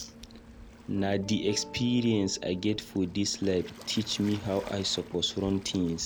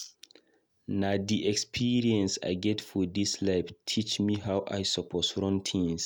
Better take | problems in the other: second | background sound (Waves, surf + Guitar); 16 dB below the speech

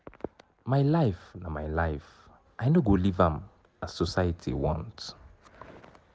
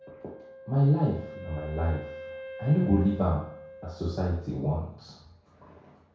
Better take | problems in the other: first | background sound (Wind instrument, woodwind instrument); 16 dB below the speech // room echo; dies away in 0.6 s

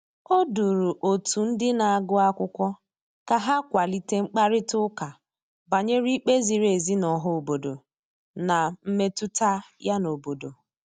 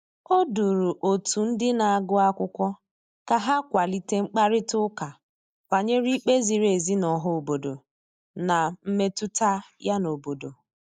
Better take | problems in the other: first | noise reduction (neural mask model Resemble Enhance denoiser)

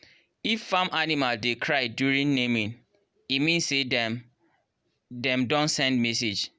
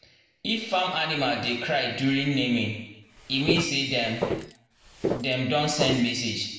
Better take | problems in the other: first | background sound (Walk, footsteps); 5 dB below the speech // room echo; dies away in 0.9 s

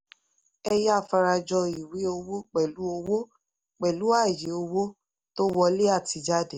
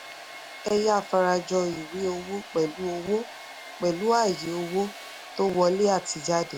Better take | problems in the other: first | background sound (Domestic sounds, home sounds); 15 dB below the speech

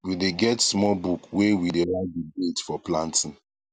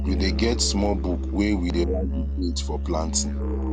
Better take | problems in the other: first | background sound (Musical instrument); 1 dB above the speech

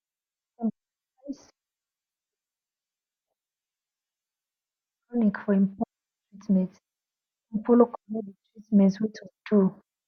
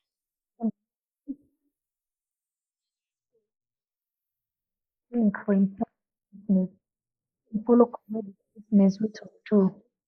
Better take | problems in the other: first | noise reduction (neural mask model Resemble Enhance denoiser)

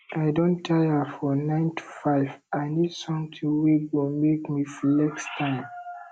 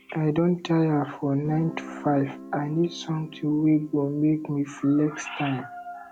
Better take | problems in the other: first | background sound (Guitar); 19 dB below the speech

